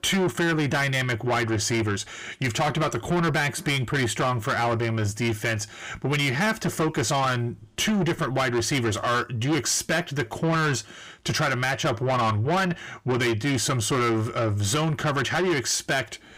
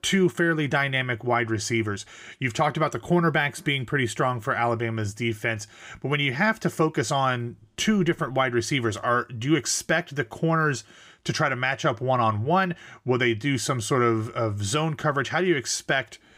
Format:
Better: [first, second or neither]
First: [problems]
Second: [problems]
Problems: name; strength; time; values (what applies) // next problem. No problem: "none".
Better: second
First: distortion; heavy; 7 dB below the speech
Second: none